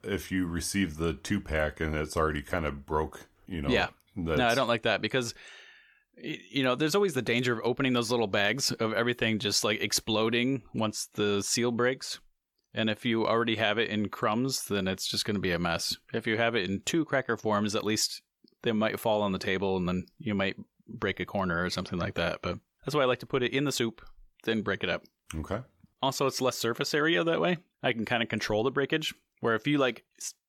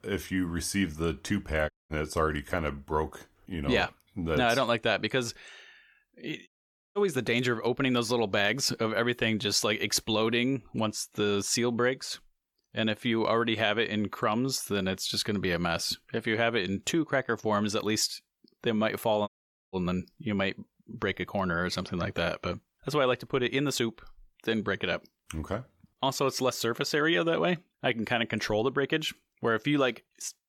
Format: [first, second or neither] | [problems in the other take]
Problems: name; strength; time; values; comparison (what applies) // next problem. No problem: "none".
first | audio cutting out; at 1.5 s, at 6.5 s and at 19 s